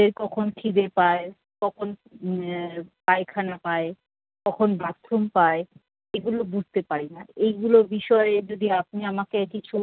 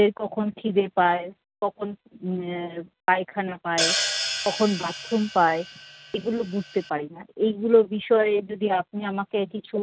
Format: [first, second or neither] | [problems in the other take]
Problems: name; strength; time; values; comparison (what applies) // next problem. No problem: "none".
first | background sound (Hi-hat); 5 dB below the speech